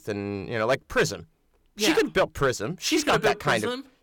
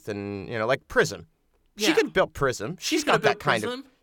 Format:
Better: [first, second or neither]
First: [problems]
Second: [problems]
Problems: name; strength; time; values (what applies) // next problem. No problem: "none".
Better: second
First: distortion; slight; 3% of the sound clipped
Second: none